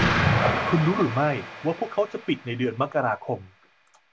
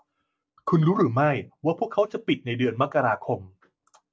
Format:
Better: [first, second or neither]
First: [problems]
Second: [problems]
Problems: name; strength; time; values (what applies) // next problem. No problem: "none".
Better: second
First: background sound (Explosion); 1 dB below the speech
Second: none